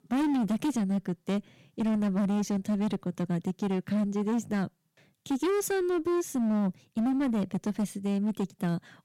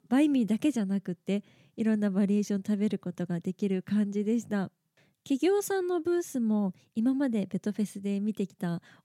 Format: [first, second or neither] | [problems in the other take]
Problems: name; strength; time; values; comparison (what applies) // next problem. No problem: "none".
second | distortion; slight; 21% of the sound clipped